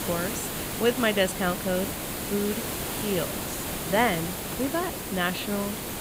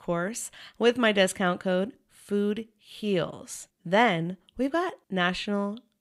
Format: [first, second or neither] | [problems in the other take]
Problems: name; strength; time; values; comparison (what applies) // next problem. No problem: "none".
second | hiss; loud; throughout; 3 dB below the speech